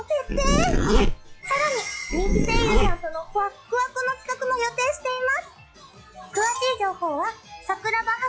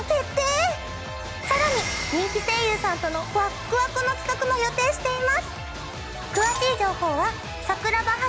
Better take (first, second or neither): second